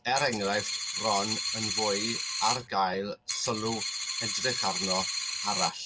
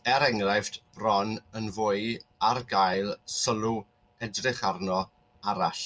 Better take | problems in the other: second | background sound (Coin (dropping)); 1 dB below the speech

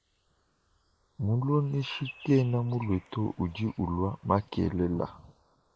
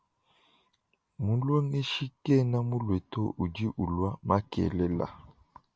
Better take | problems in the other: second | noise reduction (neural mask model Resemble Enhance denoiser)

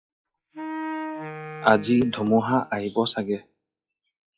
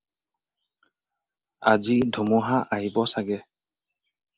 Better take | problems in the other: second | noise reduction (classical method log-MMSE)

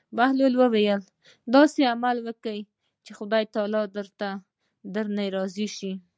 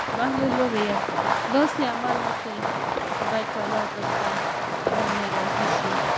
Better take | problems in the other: first | background sound (Fireworks); 4 dB above the speech

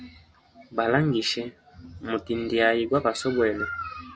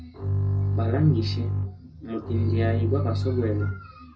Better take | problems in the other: first | background sound (Bowed string instrument); 3 dB above the speech // room echo; dies away in 0.4 s

